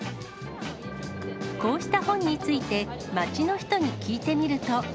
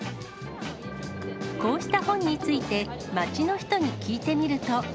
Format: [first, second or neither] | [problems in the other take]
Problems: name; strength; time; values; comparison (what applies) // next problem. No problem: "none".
first | background sound (Gurgling); 13 dB below the speech